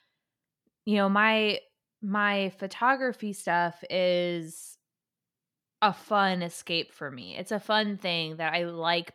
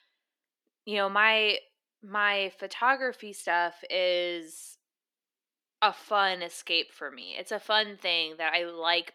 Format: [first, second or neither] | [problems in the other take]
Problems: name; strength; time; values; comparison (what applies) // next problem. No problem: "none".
first | thin; somewhat; fading below 300 Hz